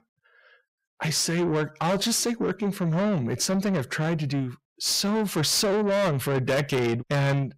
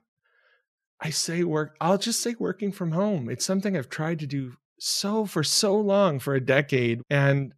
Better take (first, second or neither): second